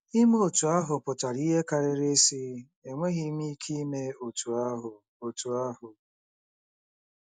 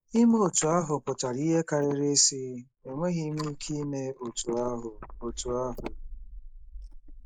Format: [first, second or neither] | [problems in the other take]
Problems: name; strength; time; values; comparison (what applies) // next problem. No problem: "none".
first | noise reduction (neural mask model Resemble Enhance denoiser)